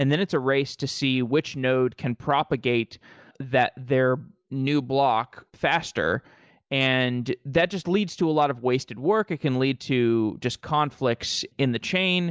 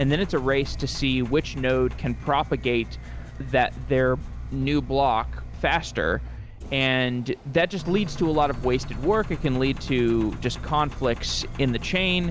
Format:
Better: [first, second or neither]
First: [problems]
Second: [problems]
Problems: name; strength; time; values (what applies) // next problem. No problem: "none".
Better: first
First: none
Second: background sound (Engine); 9 dB below the speech